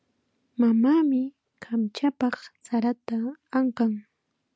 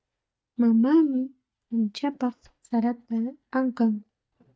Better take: first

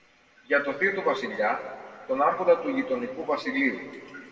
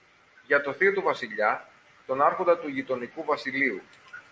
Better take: second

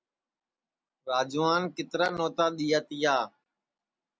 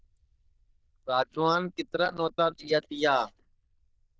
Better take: first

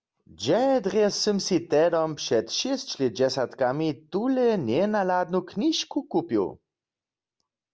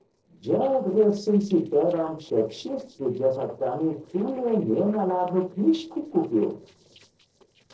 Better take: first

